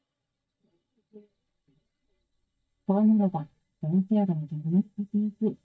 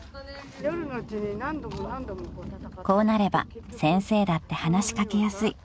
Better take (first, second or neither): second